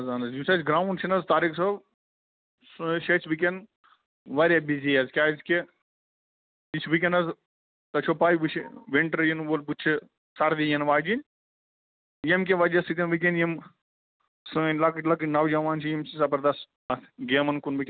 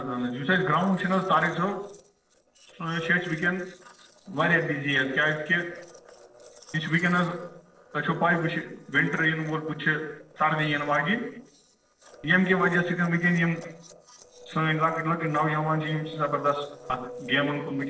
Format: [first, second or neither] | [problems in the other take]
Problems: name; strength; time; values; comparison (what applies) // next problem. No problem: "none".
first | noise reduction (neural separator model SepFormer DNS4)